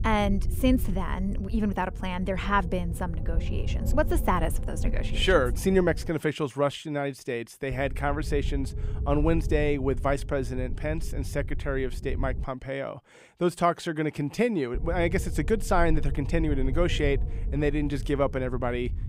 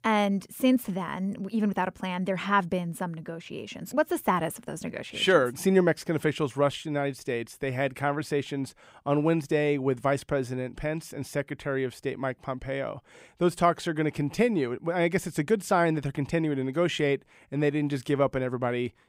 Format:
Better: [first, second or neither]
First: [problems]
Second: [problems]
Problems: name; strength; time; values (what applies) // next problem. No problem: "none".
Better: second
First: wind noise on the microphone; occasional gusts; until 6 s, from 7.5 to 12 s and from 15 s on; 20 dB below the speech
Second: none